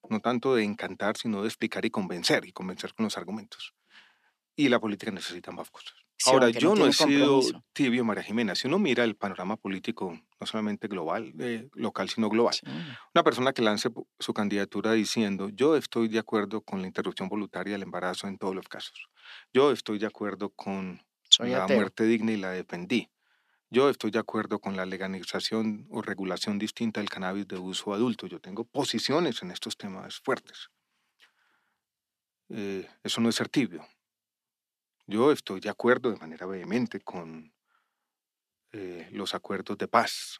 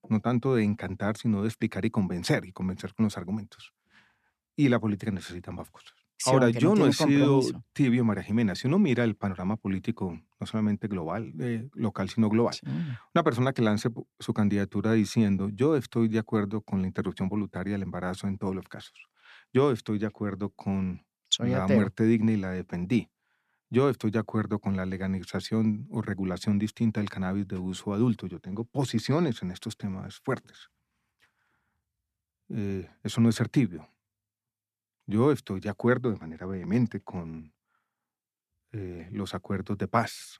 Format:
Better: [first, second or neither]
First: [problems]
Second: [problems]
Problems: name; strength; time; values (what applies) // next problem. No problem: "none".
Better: second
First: thin; very slightly; fading below 300 Hz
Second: none